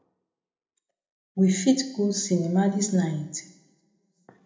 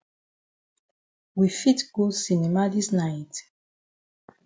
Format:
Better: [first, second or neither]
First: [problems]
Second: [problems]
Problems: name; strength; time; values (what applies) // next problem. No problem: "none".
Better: second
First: room echo; dies away in 0.7 s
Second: none